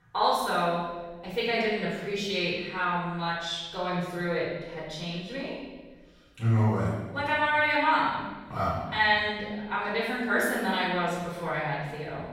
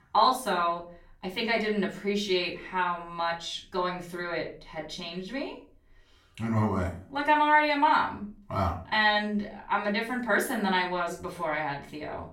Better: second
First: room echo; strong; dies away in 1.1 s // off-mic speech; far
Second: room echo; slight; dies away in 0.3 s // off-mic speech; far

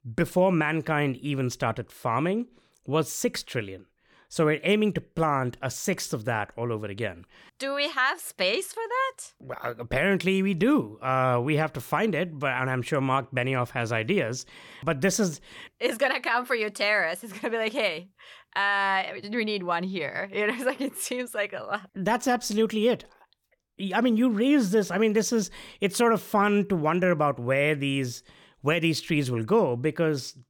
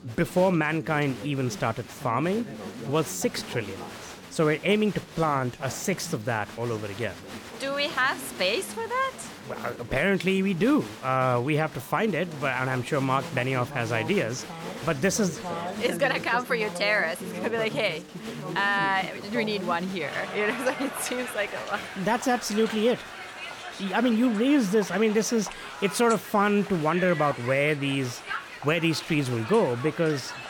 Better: first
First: none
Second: crowd noise; noticeable; throughout; 10 dB below the speech

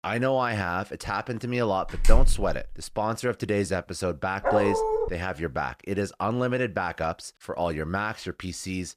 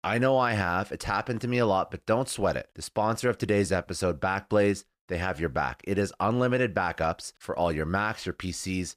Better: second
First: door banging; loud; at 2 s; peak 3 dB above the speech // dog barking; loud; at 4.5 s; peak 4 dB above the speech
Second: none

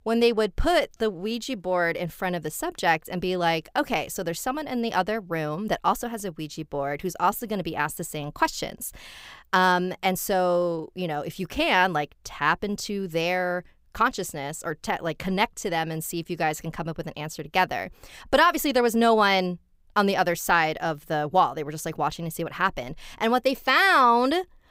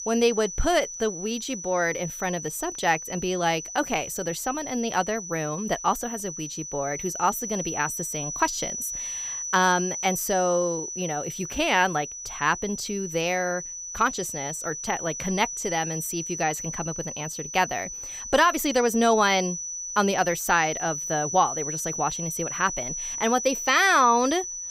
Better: first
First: none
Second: high-pitched whine; loud; throughout; 6 kHz, 6 dB below the speech

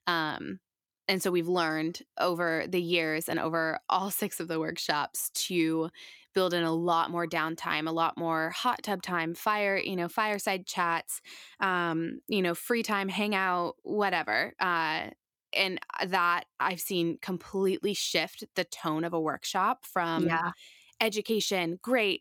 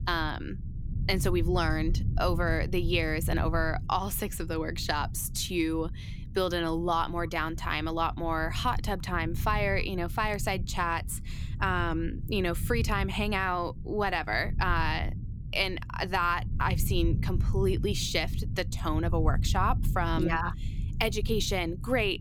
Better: first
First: none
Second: low rumble; noticeable; throughout; 20 dB below the speech

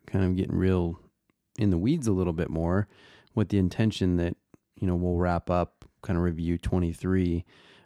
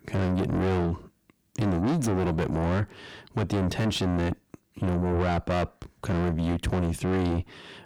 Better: first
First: none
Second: distortion; heavy; 5 dB below the speech

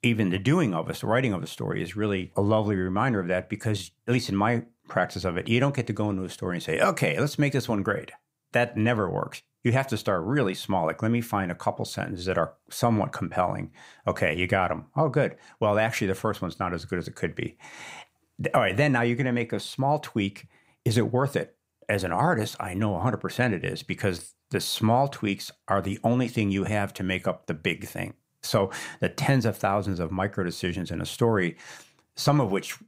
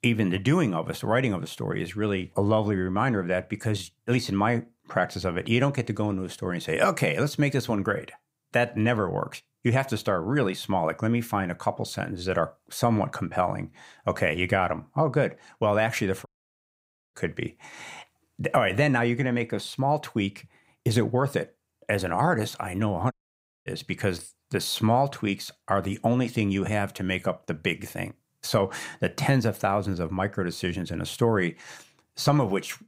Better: first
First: none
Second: audio cutting out; at 16 s for 1 s and at 23 s for 0.5 s

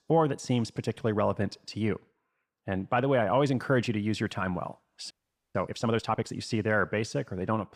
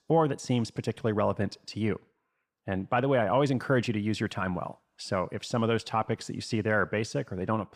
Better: second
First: audio freezing; at 5 s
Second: none

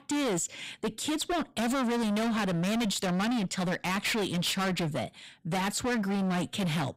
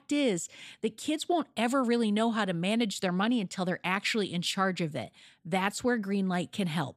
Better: second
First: distortion; heavy; 37% of the sound clipped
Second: none

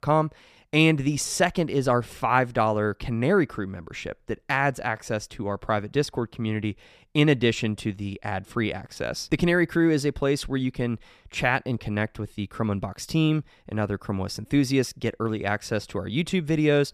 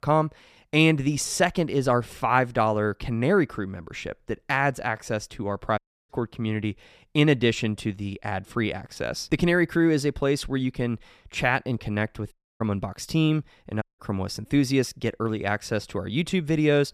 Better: first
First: none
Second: audio cutting out; at 6 s, at 12 s and at 14 s

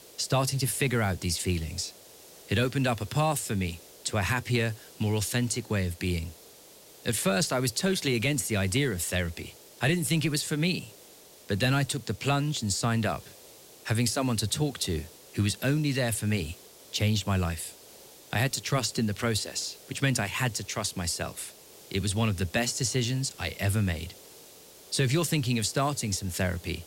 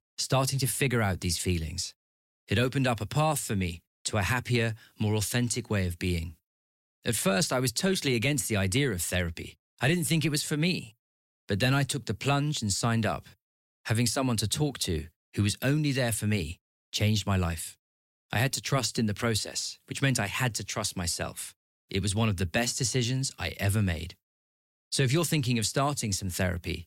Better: second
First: hiss; faint; throughout; 20 dB below the speech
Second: none

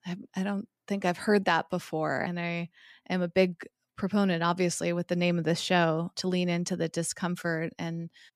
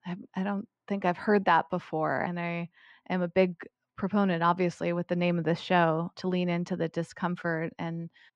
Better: first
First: none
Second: muffled; slightly; fading above 3 kHz

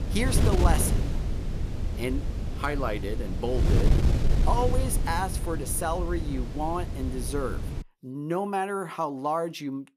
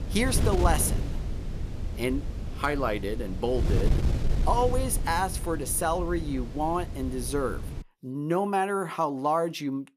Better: second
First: wind noise on the microphone; heavy; until 8 s; 8 dB below the speech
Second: wind noise on the microphone; occasional gusts; until 8 s; 15 dB below the speech

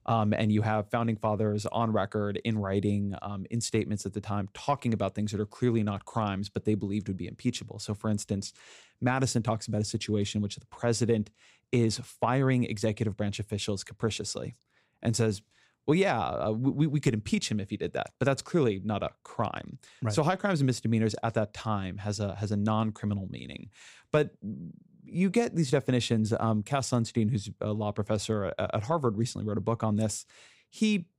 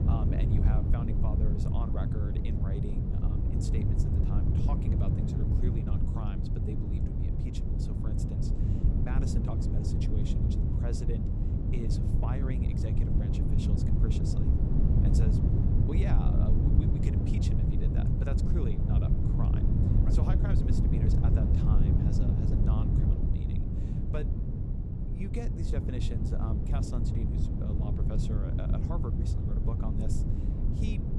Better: first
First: none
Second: wind noise on the microphone; heavy; 4 dB above the speech

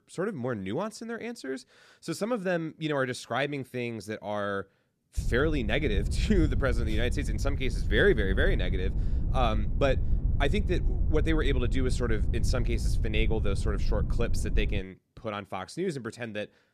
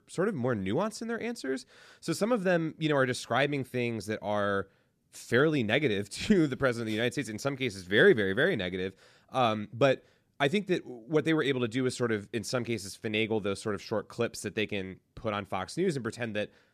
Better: second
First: wind noise on the microphone; occasional gusts; from 5 to 15 s; 15 dB below the speech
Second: none

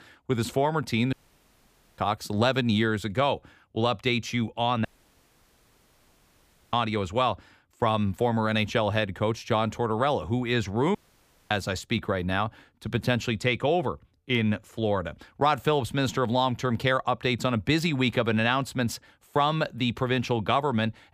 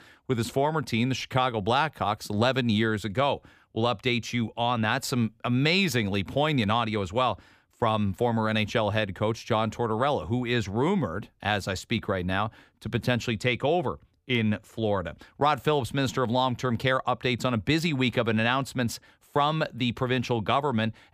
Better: second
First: audio cutting out; at 1 s for 1 s, at 5 s for 2 s and at 11 s for 0.5 s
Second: none

